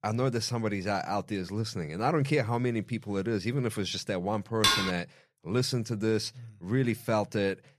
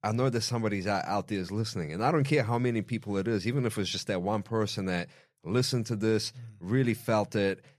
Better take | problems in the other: second | clattering dishes; loud; at 4.5 s; peak 6 dB above the speech

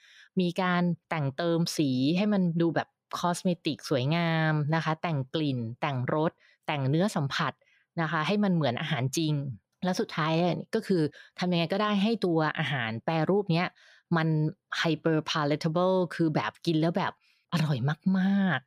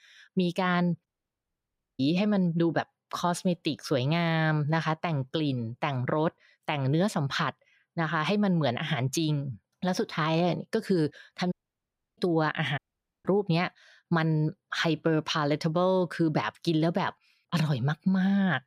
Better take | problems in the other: first | audio cutting out; at 1 s for 1 s, at 12 s for 0.5 s and at 13 s

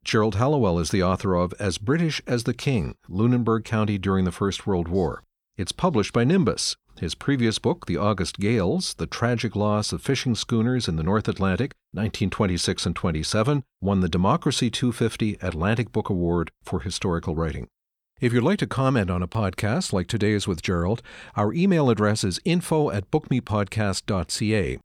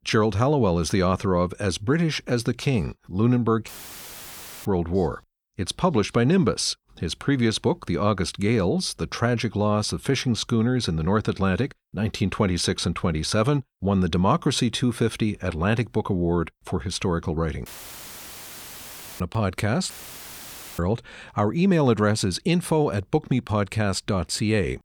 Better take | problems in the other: first | audio cutting out; filled with static; at 3.5 s for 1 s, at 18 s for 1.5 s and at 20 s for 1 s

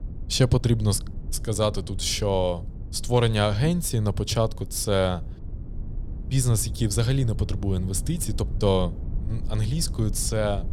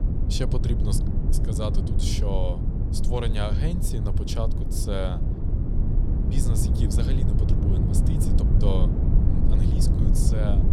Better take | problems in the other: first | low rumble; loud; throughout; 2 dB below the speech; faint in the first

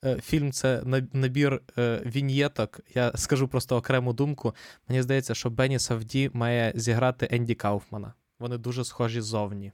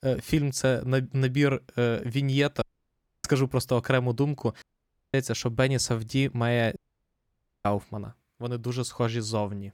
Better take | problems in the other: first | audio cutting out; at 2.5 s for 0.5 s, at 4.5 s for 0.5 s and at 7 s for 1 s

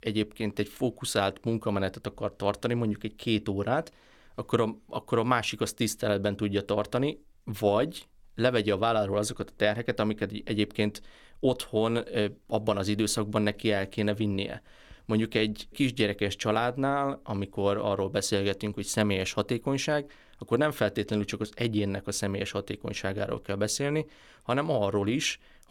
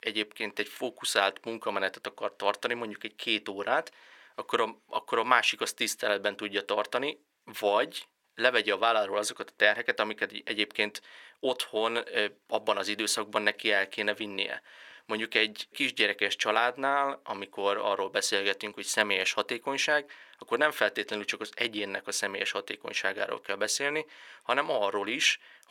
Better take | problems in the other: first | thin; very; fading below 450 Hz

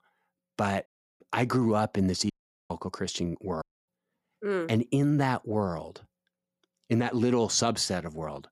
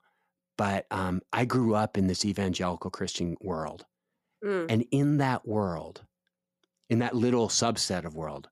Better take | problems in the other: second | audio cutting out; at 1 s, at 2.5 s and at 3.5 s

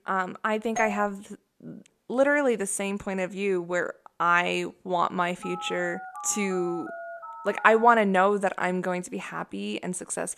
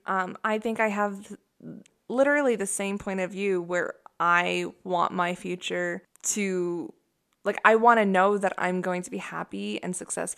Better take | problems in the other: second | doorbell; noticeable; at 1 s; peak 8 dB below the speech // phone ringing; faint; from 5.5 to 8 s; peak 10 dB below the speech

